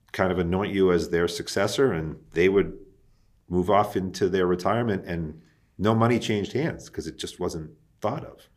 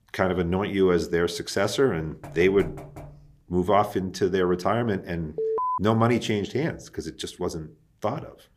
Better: first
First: none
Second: door banging; faint; from 2 to 3.5 s; peak 15 dB below the speech // alarm; noticeable; at 5.5 s; peak 1 dB below the speech

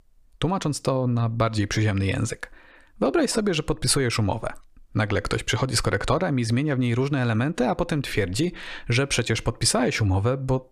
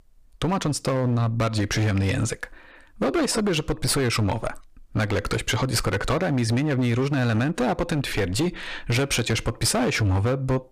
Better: first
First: none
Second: distortion; slight; 17% of the sound clipped

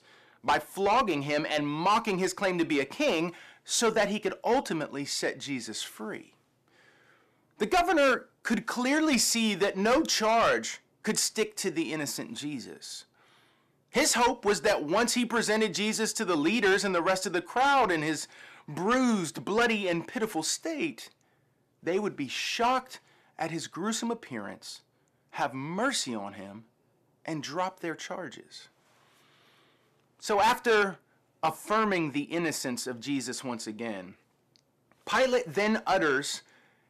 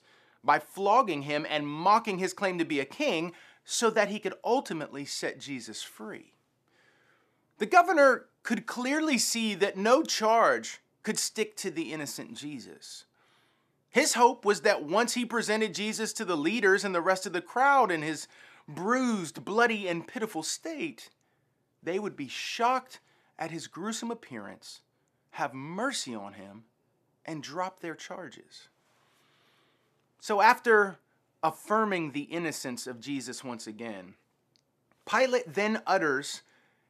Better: second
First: distortion; heavy; 7 dB below the speech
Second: none

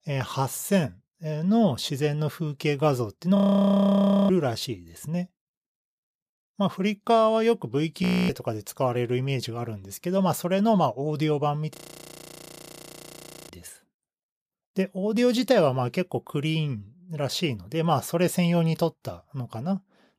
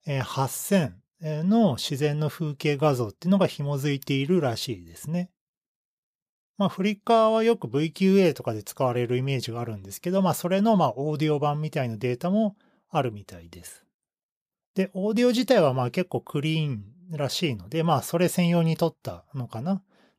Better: second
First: audio freezing; at 3.5 s for 1 s, at 8 s and at 12 s for 1.5 s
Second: none

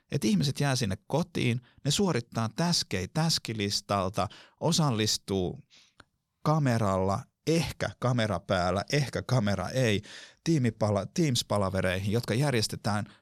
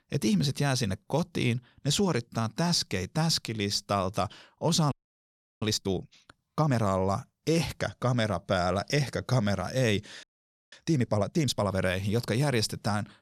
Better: first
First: none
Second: audio freezing; at 5 s for 0.5 s and at 10 s

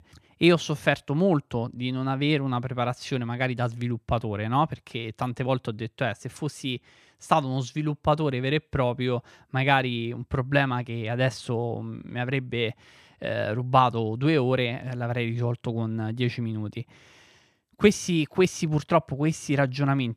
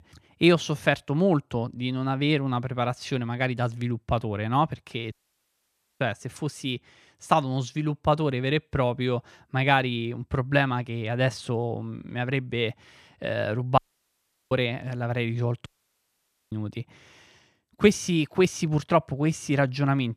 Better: first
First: none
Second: audio cutting out; at 5 s for 1 s, at 14 s for 0.5 s and at 16 s for 1 s

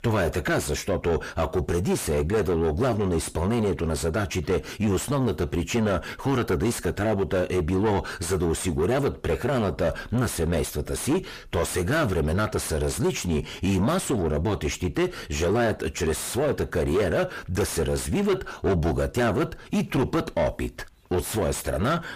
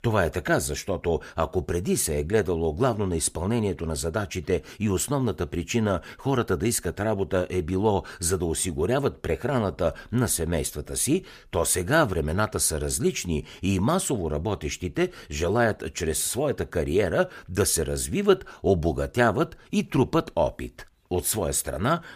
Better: second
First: distortion; heavy; 6 dB below the speech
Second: none

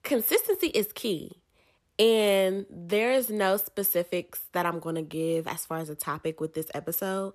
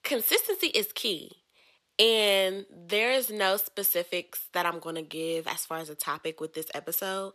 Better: first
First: none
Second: thin; very slightly; fading below 1 kHz

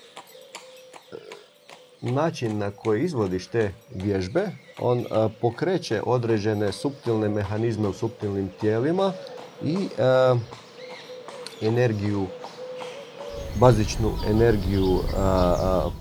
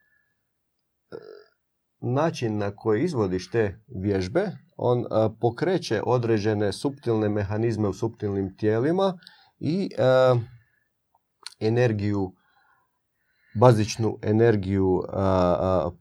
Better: second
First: animal sounds; noticeable; throughout; 15 dB below the speech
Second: none

